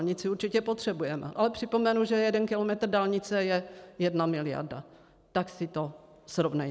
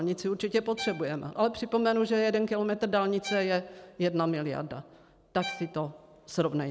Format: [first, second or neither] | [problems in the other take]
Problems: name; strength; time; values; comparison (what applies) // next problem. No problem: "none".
first | background sound (Bowed string instrument); 15 dB below the speech